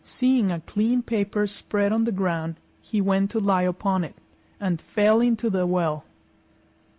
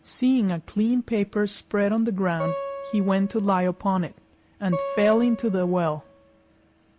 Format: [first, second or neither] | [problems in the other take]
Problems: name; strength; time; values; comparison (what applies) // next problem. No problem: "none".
first | background sound (Acoustic guitar); 11 dB below the speech